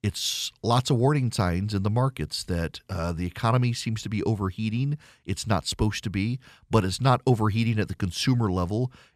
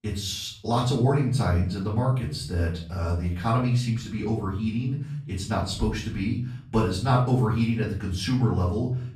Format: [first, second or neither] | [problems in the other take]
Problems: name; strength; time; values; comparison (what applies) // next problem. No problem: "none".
first | off-mic speech; far // room echo; noticeable; dies away in 0.5 s